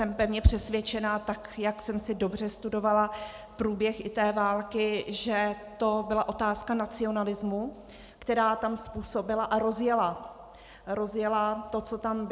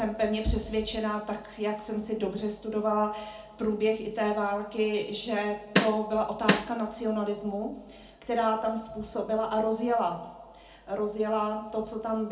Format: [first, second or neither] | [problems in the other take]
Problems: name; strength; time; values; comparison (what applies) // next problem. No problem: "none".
first | background sound (Snare drum); 2 dB above the speech // room echo; dies away in 0.4 s